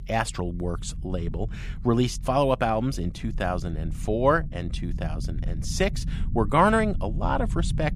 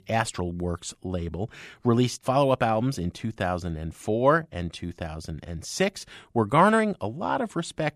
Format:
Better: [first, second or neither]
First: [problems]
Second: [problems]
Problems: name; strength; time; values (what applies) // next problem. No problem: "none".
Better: second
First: low rumble; faint; throughout; 20 dB below the speech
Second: none